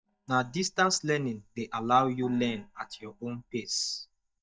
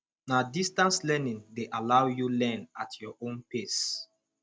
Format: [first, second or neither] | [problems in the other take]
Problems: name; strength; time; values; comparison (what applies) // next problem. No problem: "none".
second | noise reduction (neural mask model DeepFilterNet 3)